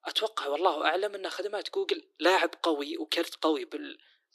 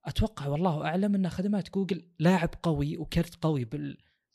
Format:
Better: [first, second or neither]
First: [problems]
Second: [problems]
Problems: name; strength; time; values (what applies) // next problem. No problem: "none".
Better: second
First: thin; very; fading below 300 Hz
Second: none